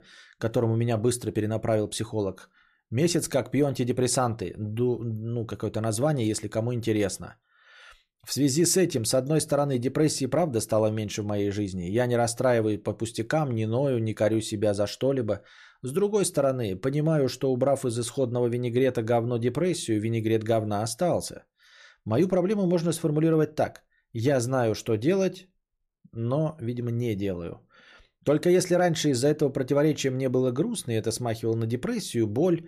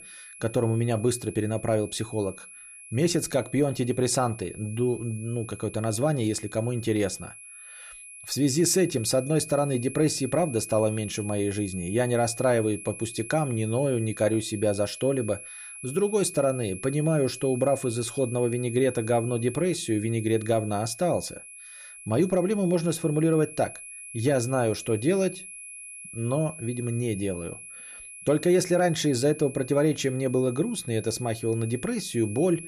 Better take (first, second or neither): first